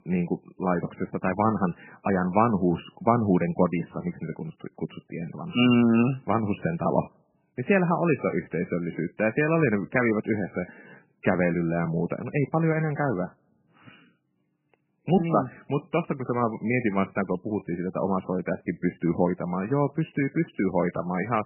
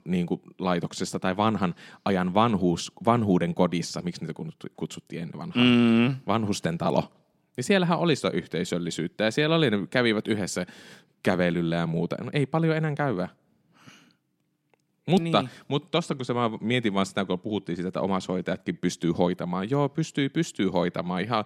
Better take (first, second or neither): second